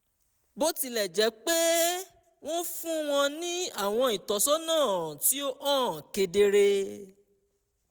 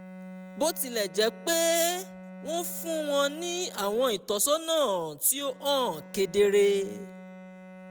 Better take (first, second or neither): first